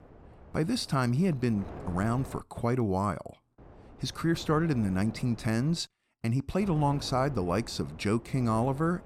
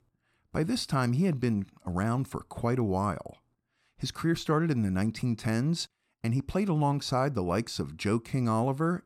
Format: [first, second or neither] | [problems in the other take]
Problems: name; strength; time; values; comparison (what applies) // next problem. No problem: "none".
second | wind noise on the microphone; occasional gusts; until 2.5 s, from 3.5 to 6 s and from 6.5 s on; 15 dB below the speech